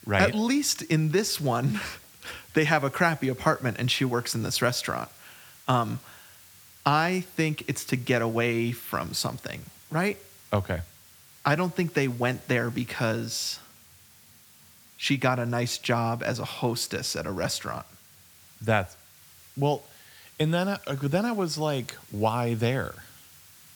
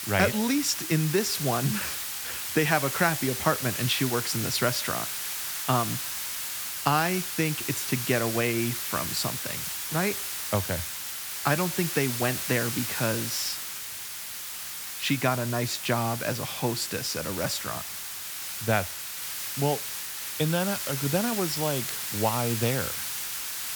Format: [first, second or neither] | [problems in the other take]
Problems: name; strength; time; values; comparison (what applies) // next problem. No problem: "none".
first | hiss; loud; throughout; 3 dB below the speech; faint in the first